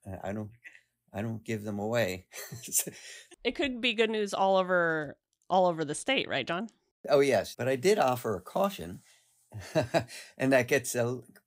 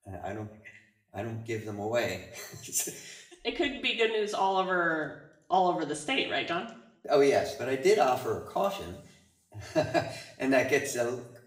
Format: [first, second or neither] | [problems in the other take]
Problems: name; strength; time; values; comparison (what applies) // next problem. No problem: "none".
first | room echo; slight; dies away in 0.7 s // off-mic speech; far